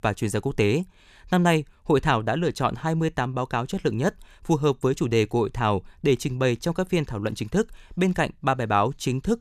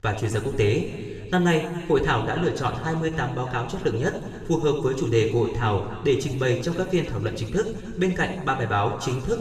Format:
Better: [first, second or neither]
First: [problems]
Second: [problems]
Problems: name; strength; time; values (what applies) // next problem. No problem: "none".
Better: first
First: none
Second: room echo; noticeable; dies away in 2 s // off-mic speech; somewhat distant